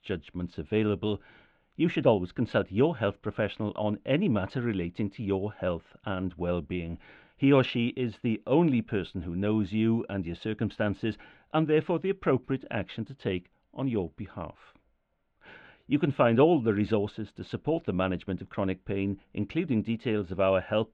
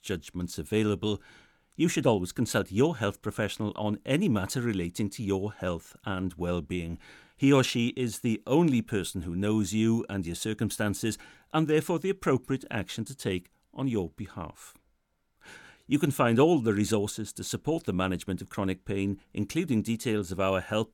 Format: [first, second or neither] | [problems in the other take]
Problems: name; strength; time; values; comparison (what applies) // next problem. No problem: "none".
second | muffled; very; fading above 3 kHz